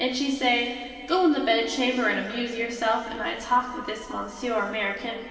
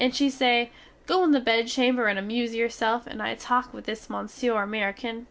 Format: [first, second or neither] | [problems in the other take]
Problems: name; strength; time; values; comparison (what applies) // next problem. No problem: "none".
second | room echo; dies away in 2.4 s